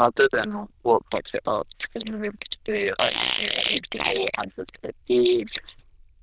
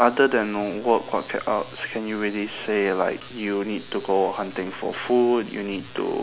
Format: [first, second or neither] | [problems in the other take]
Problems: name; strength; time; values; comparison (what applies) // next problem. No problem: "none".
second | noise reduction (neural diffusion model UNIVERSE++)